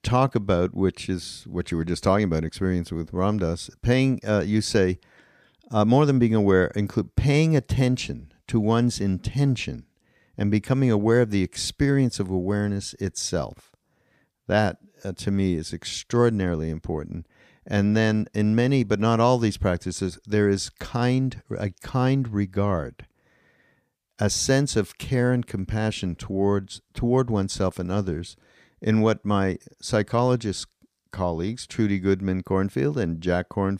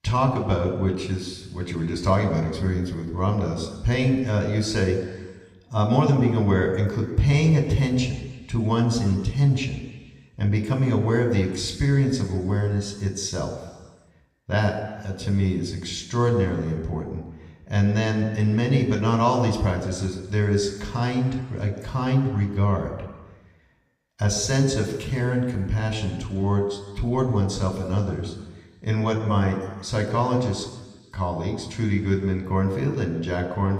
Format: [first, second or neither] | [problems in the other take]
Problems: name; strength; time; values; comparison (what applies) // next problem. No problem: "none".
first | room echo; slight; dies away in 1.3 s // off-mic speech; somewhat distant